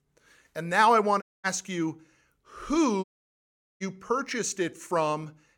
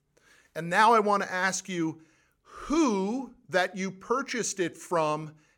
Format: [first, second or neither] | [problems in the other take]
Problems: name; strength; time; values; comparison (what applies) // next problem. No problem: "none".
second | audio cutting out; at 1 s and at 3 s for 1 s